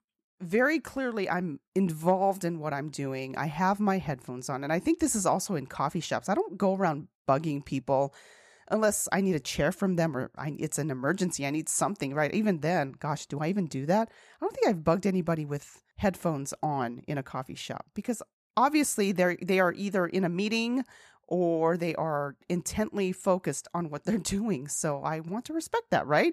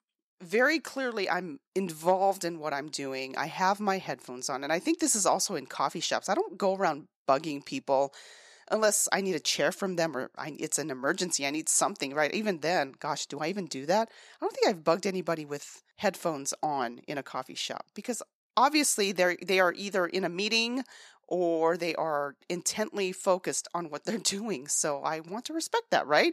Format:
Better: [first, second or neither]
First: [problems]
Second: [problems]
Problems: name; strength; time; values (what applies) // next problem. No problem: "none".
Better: first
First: none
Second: thin; very slightly; fading below 300 Hz